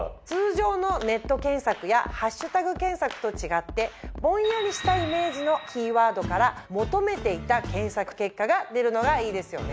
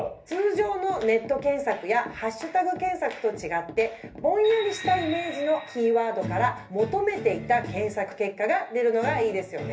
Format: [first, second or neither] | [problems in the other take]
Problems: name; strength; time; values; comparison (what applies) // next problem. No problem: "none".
first | room echo; dies away in 0.3 s